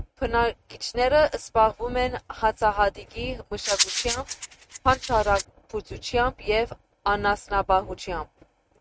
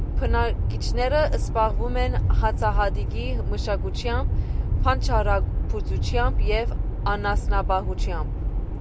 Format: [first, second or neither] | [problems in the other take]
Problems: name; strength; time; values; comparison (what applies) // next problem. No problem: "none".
second | noise reduction (neural mask model RNNoise)